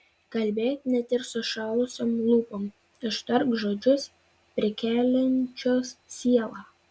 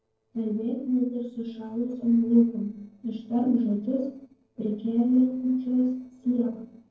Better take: first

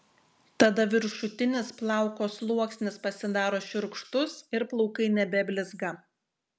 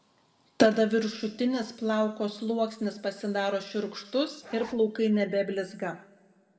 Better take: first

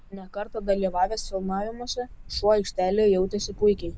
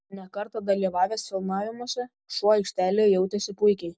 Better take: second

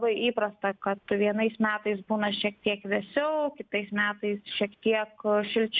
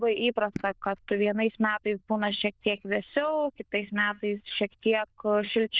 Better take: first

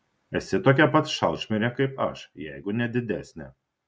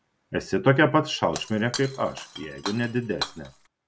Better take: first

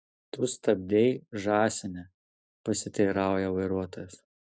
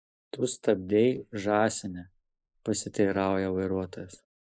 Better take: first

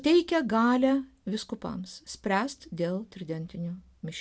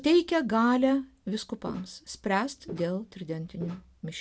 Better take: first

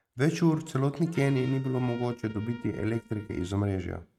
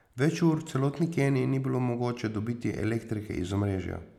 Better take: second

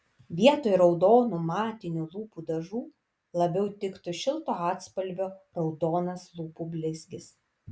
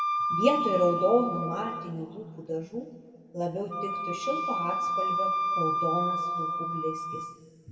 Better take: first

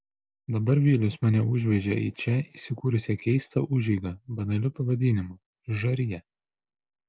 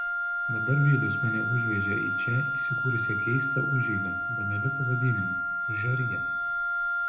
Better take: first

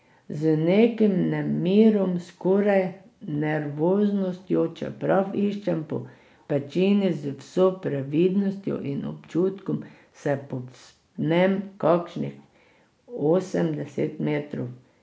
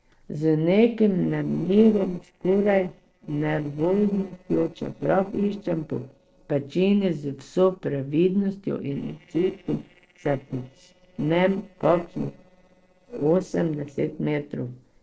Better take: first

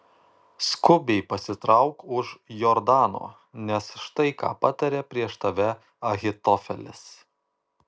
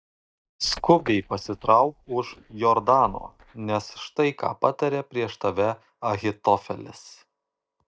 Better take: first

